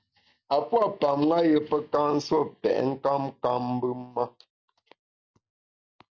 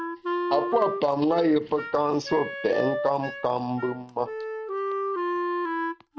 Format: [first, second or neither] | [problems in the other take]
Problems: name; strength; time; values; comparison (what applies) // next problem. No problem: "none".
first | background sound (Wind instrument, woodwind instrument); 4 dB below the speech